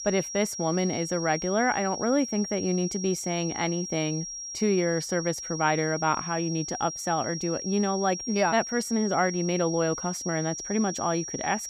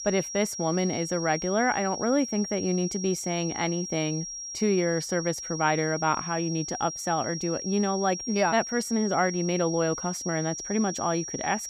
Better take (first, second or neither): neither